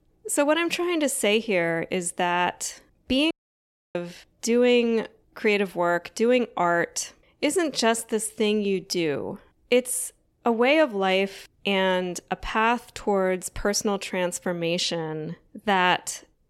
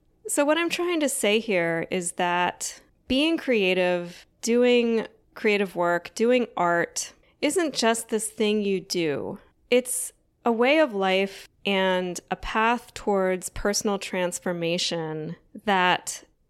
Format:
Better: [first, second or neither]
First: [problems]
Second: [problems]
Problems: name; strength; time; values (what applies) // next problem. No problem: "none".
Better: second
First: audio cutting out; at 3.5 s for 0.5 s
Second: none